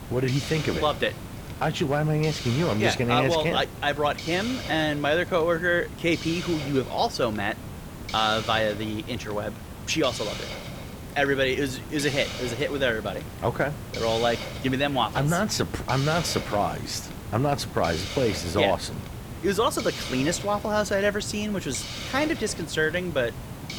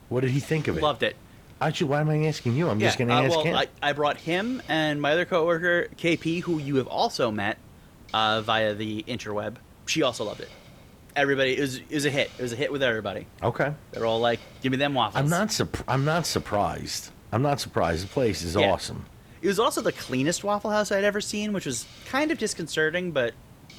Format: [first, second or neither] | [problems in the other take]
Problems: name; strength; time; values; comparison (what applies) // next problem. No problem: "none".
second | hiss; loud; throughout; 10 dB below the speech; faint in the second